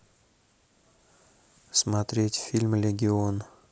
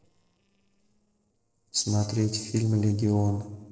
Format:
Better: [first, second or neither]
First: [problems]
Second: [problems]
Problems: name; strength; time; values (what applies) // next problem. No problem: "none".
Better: first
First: none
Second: noise reduction (neural separator model SepFormer DNS4)